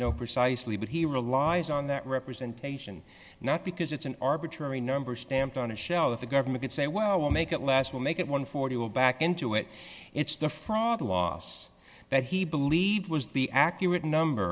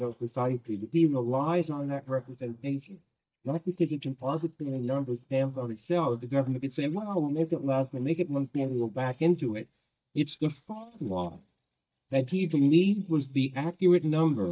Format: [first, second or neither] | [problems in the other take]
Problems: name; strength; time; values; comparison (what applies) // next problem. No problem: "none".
first | noise reduction (neural mask model DeepFilterNet 3)